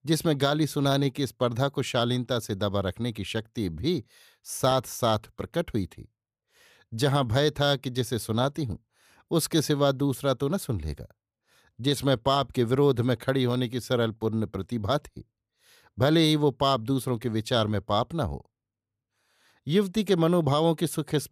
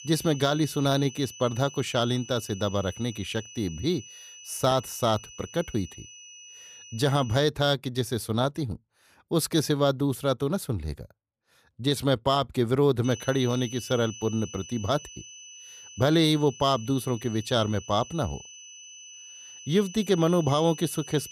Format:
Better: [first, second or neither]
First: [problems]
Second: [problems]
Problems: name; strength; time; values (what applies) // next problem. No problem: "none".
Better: first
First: none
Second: high-pitched whine; noticeable; until 7.5 s and from 13 s on; 6 kHz, 15 dB below the speech